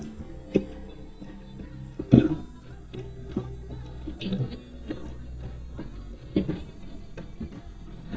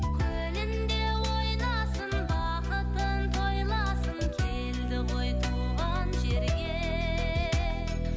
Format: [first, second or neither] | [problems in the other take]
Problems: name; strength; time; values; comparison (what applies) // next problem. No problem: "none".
second | noise reduction (neural mask model DeepFilterNet 3)